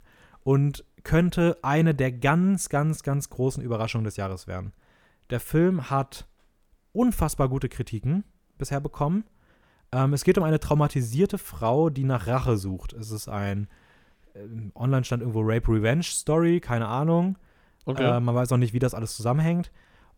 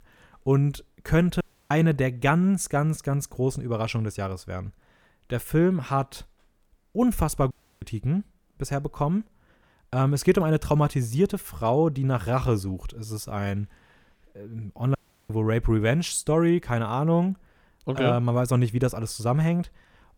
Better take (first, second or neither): first